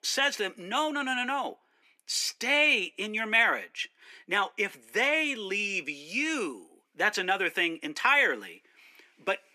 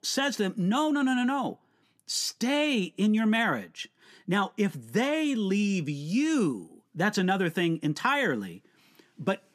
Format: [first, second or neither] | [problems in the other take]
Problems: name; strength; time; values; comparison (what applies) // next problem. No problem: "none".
second | thin; very; fading below 400 Hz